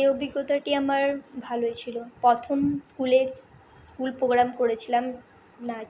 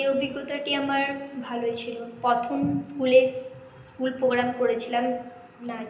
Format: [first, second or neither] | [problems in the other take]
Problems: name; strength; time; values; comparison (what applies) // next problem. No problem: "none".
first | room echo; dies away in 0.9 s